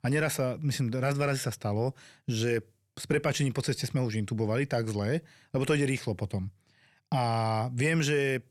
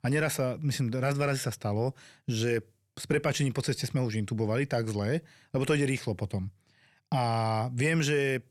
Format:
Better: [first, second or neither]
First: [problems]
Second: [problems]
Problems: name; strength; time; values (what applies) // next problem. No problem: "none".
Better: neither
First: none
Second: none